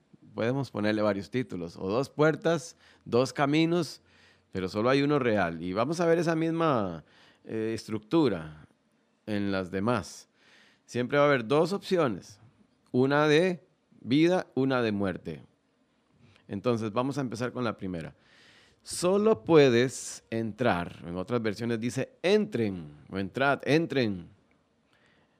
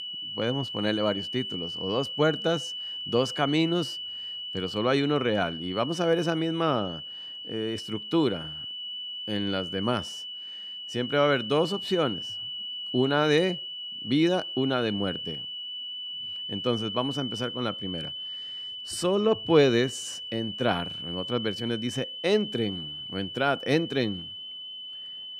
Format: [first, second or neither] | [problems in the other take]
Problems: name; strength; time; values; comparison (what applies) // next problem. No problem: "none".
first | high-pitched whine; loud; throughout; 3 kHz, 6 dB below the speech